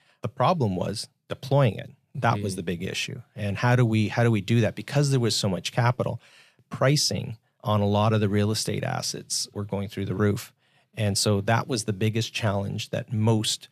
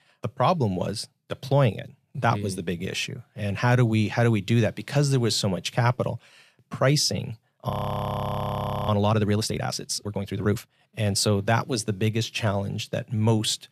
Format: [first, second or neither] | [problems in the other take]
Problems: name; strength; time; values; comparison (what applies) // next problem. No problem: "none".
first | audio freezing; at 7.5 s for 1 s